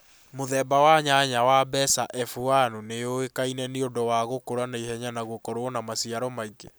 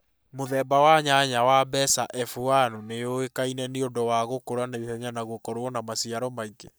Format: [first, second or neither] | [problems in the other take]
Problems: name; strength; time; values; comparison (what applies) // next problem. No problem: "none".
first | noise reduction (neural mask model DeepFilterNet 3)